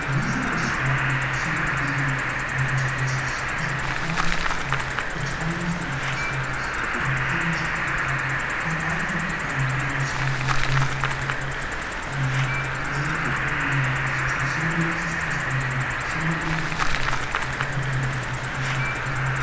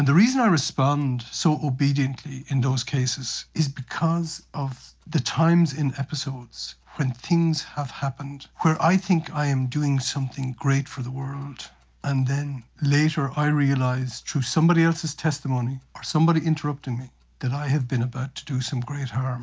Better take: second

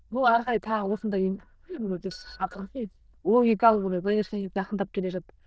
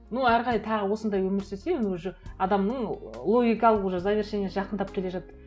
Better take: second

